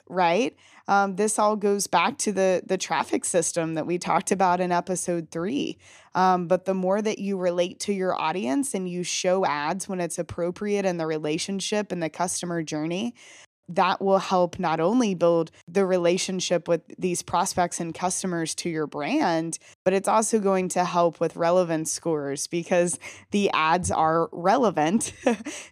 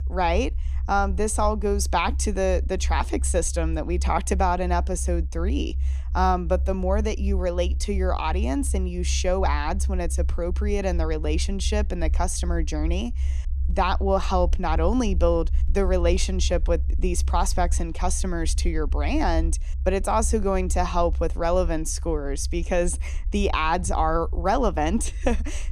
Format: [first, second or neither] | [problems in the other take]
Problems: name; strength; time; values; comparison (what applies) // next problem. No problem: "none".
first | low rumble; faint; throughout; 20 dB below the speech